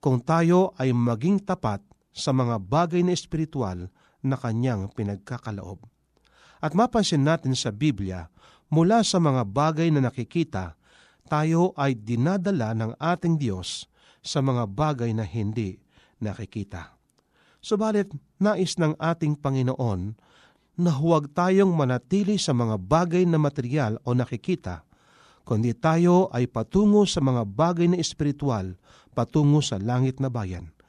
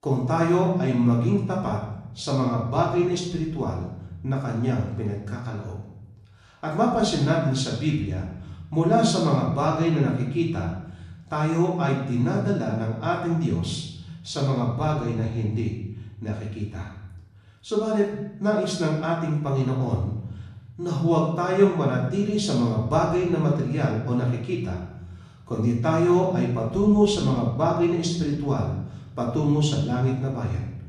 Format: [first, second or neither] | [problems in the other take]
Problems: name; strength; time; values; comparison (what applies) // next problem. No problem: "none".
first | off-mic speech; far // room echo; noticeable; dies away in 0.9 s